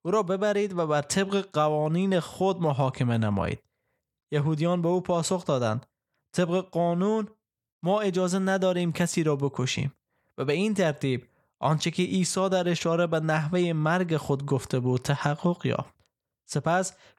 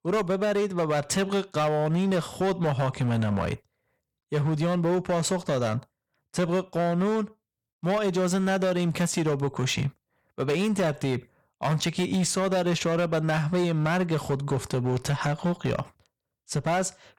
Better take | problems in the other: first | distortion; slight; 14% of the sound clipped

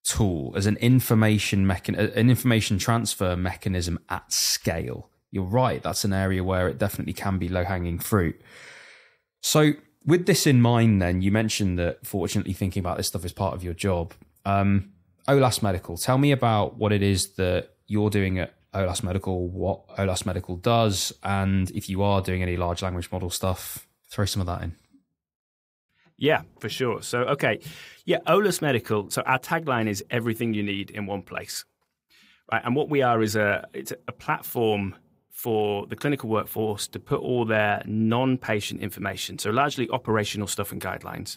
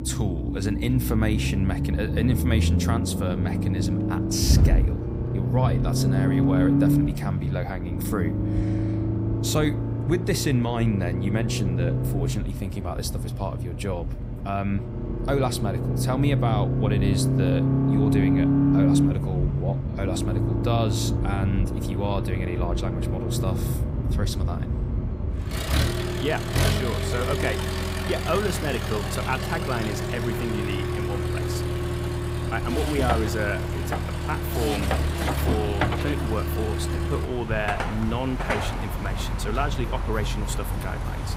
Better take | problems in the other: first | traffic noise; very loud; throughout; 4 dB above the speech

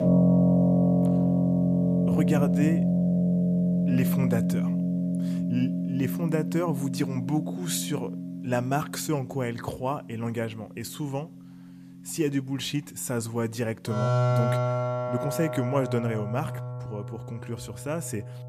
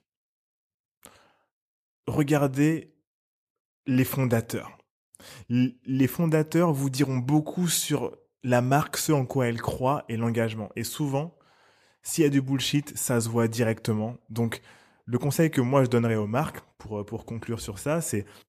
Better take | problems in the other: second | background music; very loud; throughout; 5 dB above the speech

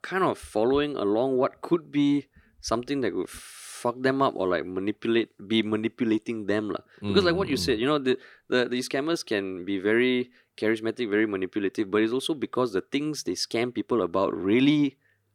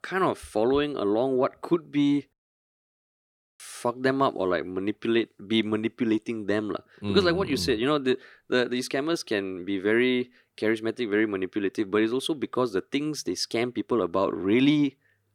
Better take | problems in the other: first | audio cutting out; at 2.5 s for 1.5 s

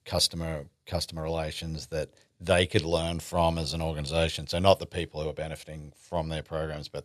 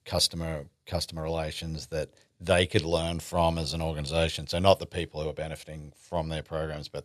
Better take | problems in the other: neither | none

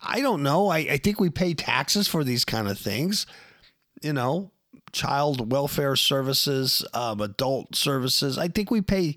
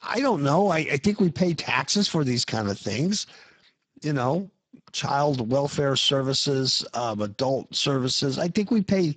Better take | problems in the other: first | garbled, watery; badly; nothing above 7.5 kHz

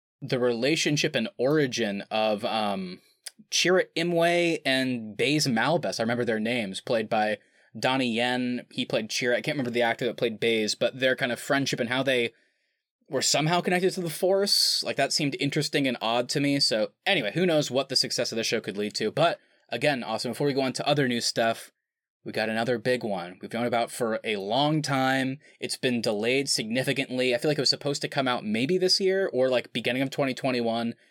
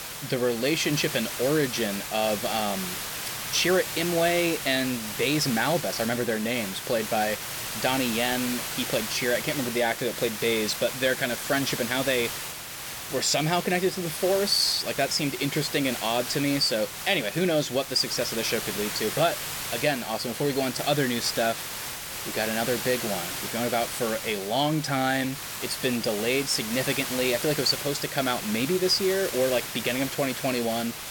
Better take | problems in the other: first | hiss; loud; throughout; 6 dB below the speech

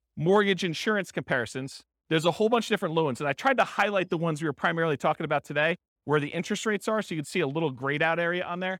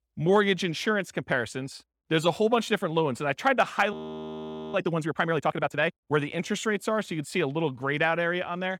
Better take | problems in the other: first | audio freezing; at 4 s for 1 s

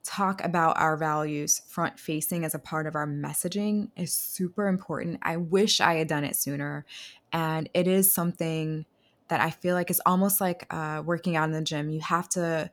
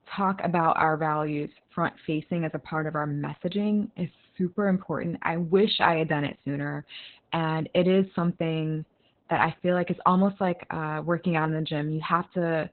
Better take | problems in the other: first | garbled, watery; badly; nothing above 4 kHz

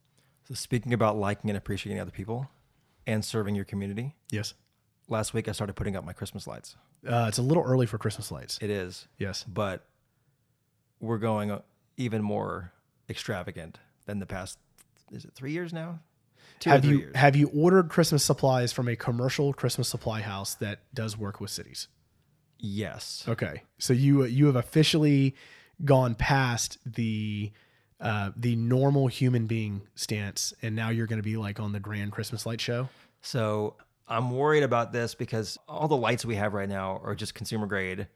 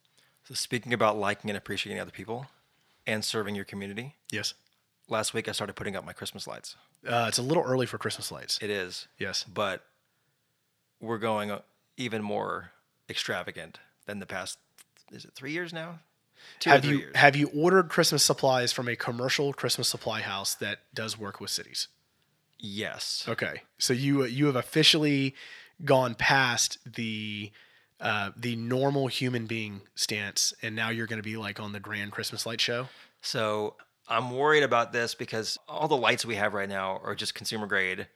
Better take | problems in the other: first | thin; very slightly; fading below 750 Hz

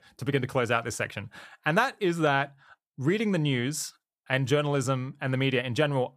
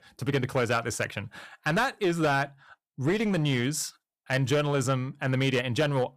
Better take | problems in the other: first | distortion; slight; 8% of the sound clipped

